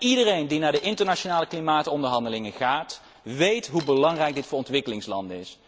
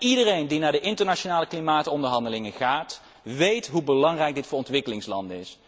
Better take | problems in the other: second | background sound (Coin (dropping)); 19 dB below the speech

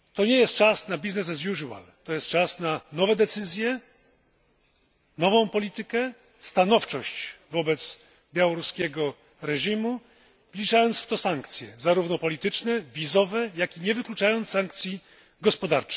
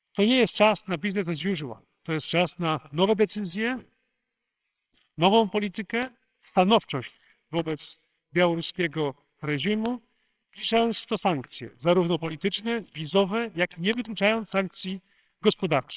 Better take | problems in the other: first | noise reduction (neural separator model SepFormer WHAMR!)

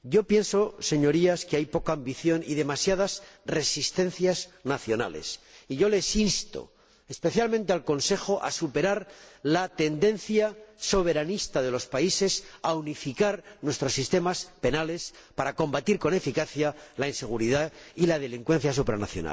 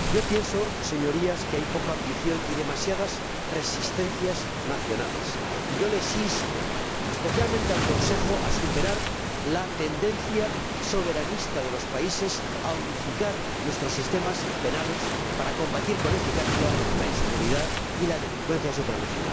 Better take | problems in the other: first | background sound (Waves, surf); 2 dB above the speech

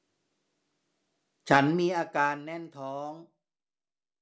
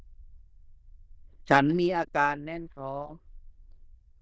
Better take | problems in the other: first | noise reduction (neural diffusion model UNIVERSE++)

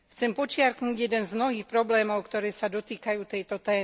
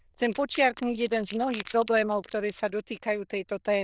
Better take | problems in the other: first | noise reduction (neural diffusion model UNIVERSE++)

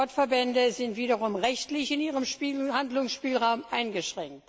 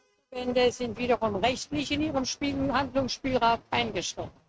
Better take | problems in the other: first | noise reduction (neural mask model RNNoise)

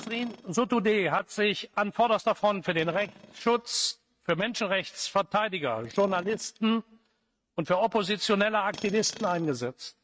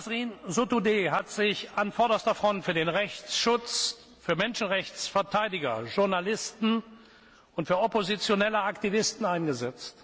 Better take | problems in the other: second | noise reduction (neural mask model RNNoise)

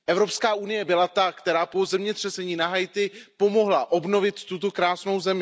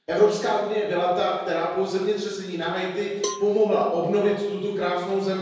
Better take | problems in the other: first | background sound (Cowbell); 14 dB below the speech // room echo; dies away in 1.2 s

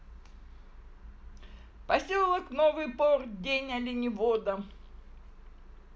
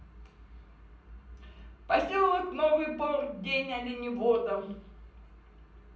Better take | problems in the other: first | room echo; dies away in 0.6 s

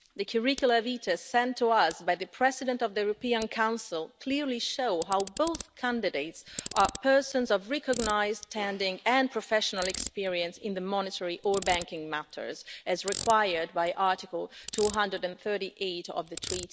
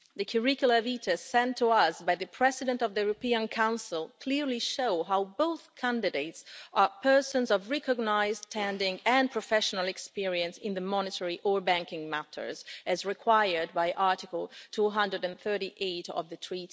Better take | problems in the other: second | background sound (Ratchet, pawl); 15 dB below the speech

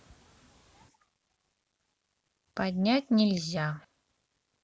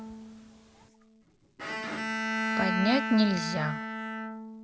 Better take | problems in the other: first | background sound (Bowed string instrument); 2 dB below the speech

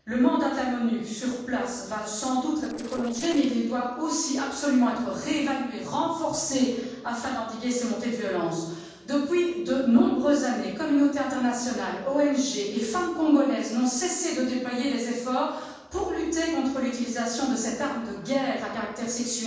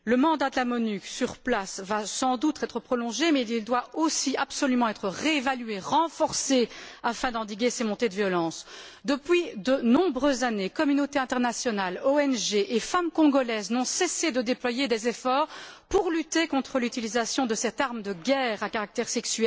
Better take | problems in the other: second | noise reduction (neural separator model SepFormer DNS4)

